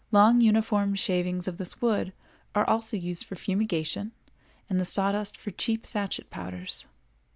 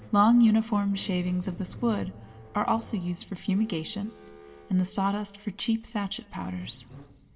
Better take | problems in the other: first | background sound (Squeak); 19 dB below the speech // room echo; dies away in 0.4 s

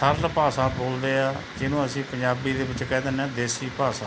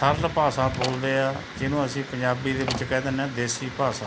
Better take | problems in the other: first | background sound (Slam); 12 dB below the speech

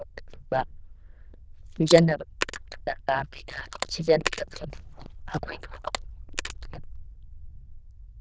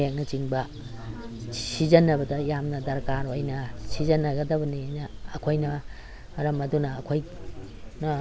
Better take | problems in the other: second | noise reduction (neural diffusion model UNIVERSE++)

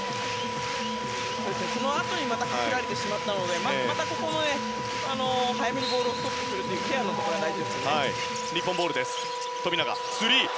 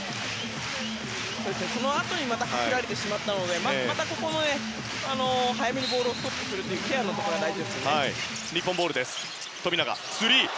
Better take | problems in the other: second | background sound (Wind instrument, woodwind instrument); 4 dB below the speech

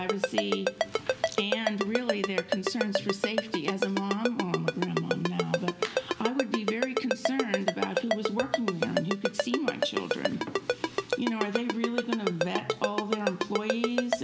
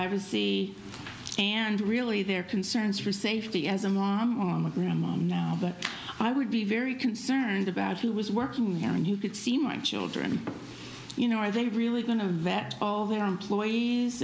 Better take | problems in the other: second | background sound (Ringtone); 2 dB above the speech

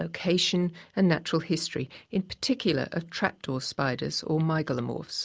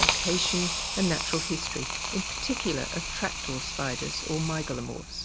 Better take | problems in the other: first | background sound (Hiss); as loud as the speech

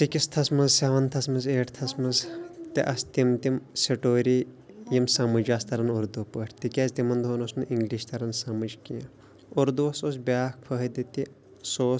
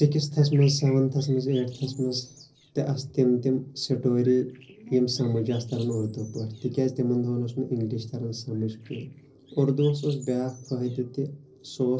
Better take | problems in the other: first | noise reduction (neural separator model SepFormer DNS4)

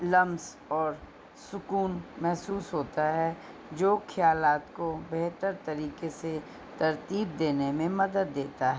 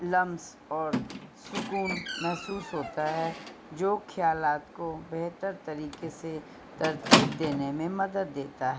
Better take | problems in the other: first | background sound (Squeak); 2 dB below the speech

